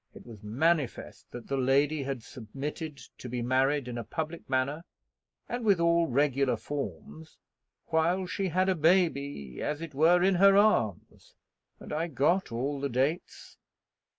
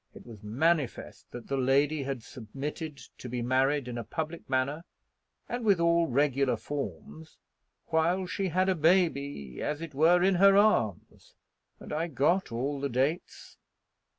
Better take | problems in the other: second | noise reduction (neural mask model Resemble Enhance denoiser)

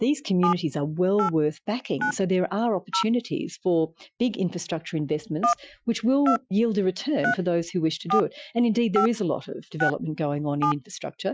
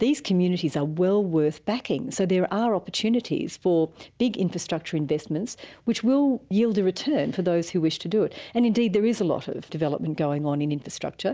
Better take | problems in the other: second | noise reduction (classical method Wiener filter)

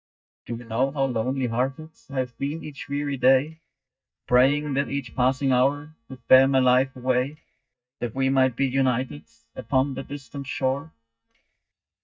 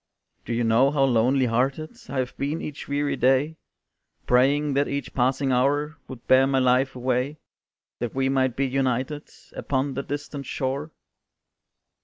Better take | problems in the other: second | noise reduction (neural mask model DeepFilterNet 3)

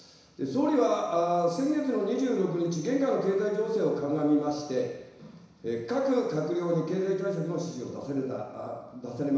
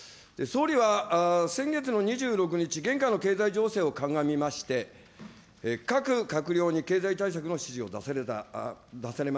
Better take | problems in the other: second | room echo; dies away in 1 s

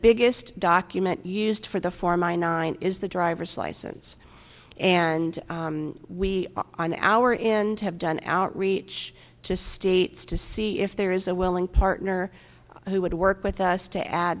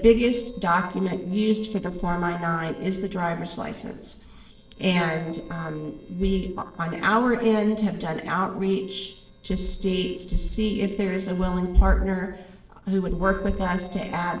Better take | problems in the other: first | noise reduction (neural separator model SepFormer DNS4)

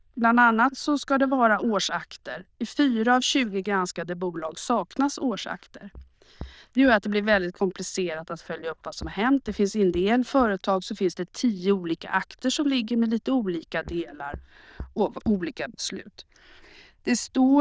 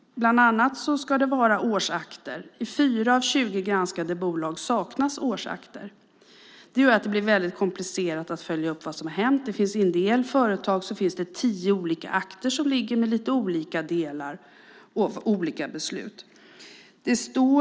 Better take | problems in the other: second | noise reduction (neural diffusion model UNIVERSE++)

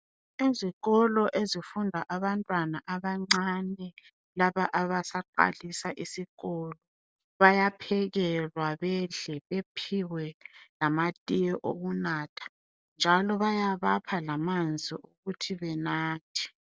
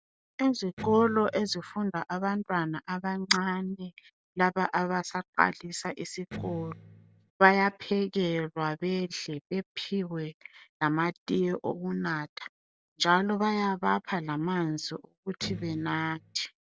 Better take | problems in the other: first | background sound (Electric guitar); 13 dB below the speech

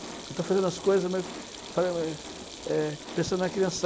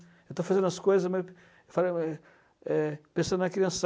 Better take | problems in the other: second | background sound (Train + Sink (filling or washing)); 12 dB below the speech

